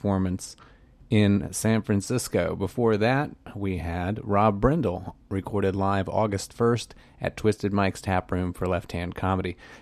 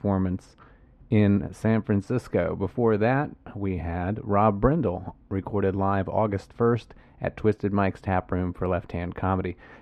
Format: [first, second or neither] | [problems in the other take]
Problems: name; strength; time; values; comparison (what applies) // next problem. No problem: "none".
first | muffled; very; fading above 4 kHz